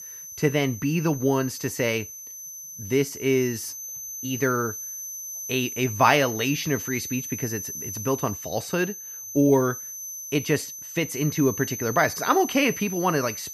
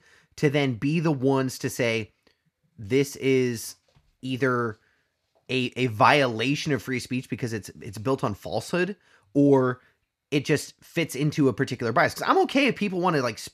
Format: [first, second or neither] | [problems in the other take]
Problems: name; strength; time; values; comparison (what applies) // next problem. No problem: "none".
second | high-pitched whine; loud; throughout; 6 kHz, 9 dB below the speech